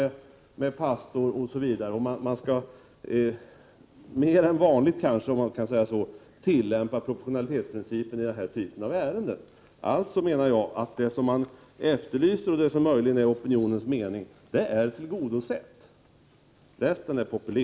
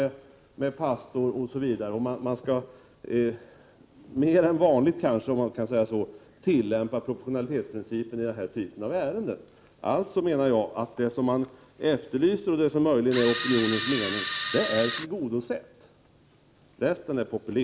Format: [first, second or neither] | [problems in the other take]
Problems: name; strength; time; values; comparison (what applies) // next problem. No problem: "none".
first | background sound (Camera); 4 dB below the speech